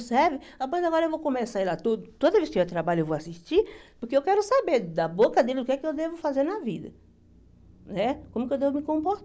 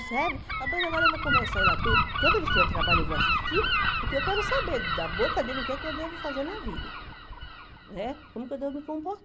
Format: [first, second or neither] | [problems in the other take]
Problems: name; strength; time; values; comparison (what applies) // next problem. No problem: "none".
first | background sound (Gull, seagull); 5 dB above the speech